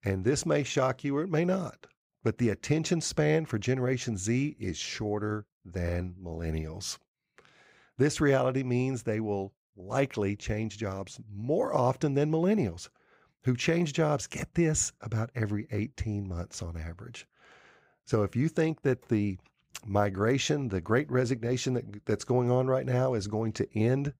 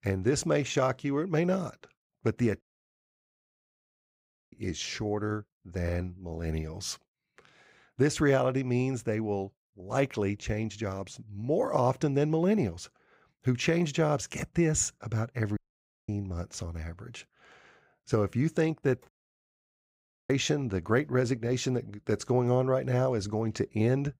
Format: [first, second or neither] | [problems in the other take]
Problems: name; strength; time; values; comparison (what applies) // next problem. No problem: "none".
first | audio cutting out; at 2.5 s for 2 s, at 16 s for 0.5 s and at 19 s for 1 s